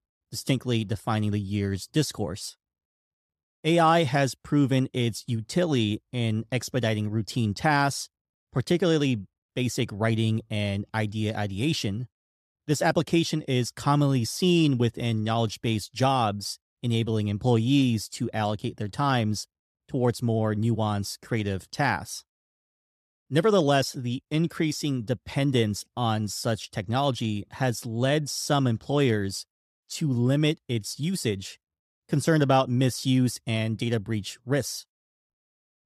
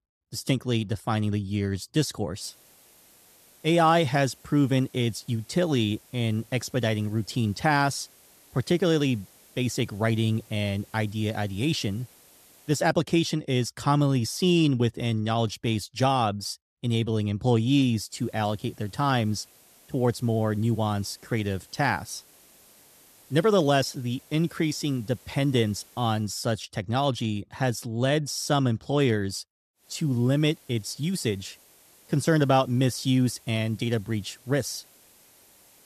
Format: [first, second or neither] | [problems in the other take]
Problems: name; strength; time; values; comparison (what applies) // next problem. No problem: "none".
first | hiss; faint; from 2.5 to 13 s, from 18 to 26 s and from 30 s on; 25 dB below the speech